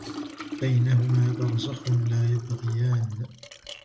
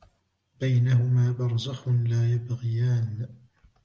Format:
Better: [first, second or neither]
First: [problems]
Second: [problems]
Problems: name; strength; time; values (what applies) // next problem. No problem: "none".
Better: second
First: background sound (Liquid); 13 dB below the speech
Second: none